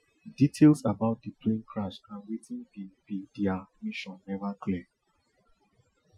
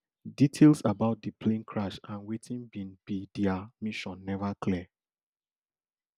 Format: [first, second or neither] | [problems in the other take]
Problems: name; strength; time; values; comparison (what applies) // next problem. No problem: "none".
second | noise reduction (classical method Wiener filter)